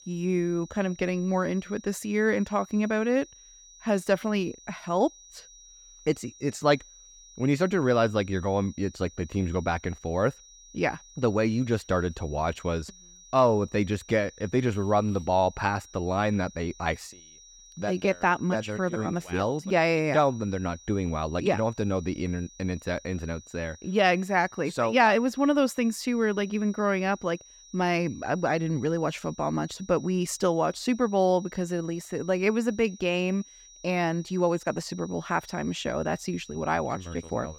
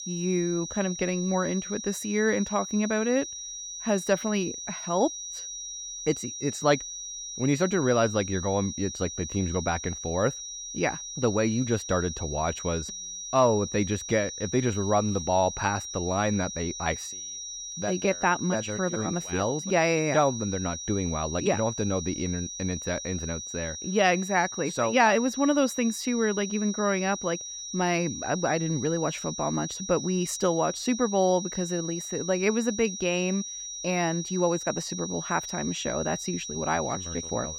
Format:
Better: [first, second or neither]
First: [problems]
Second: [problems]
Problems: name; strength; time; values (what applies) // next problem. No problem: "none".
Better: first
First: high-pitched whine; faint; throughout; 5.5 kHz, 20 dB below the speech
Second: high-pitched whine; loud; throughout; 5.5 kHz, 7 dB below the speech